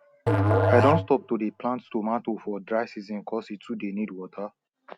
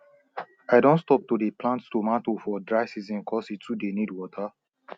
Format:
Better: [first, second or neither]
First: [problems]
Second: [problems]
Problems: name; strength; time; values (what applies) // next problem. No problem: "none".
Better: second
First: background sound (Musical instrument); 2 dB above the speech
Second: none